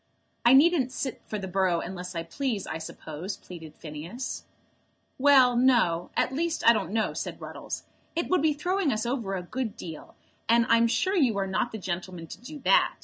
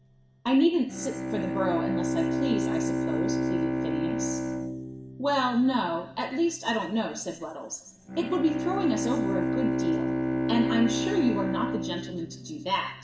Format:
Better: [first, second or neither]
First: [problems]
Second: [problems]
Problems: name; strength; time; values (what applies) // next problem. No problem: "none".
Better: first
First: none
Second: background sound (Bowed string instrument); 1 dB below the speech // room echo; dies away in 0.8 s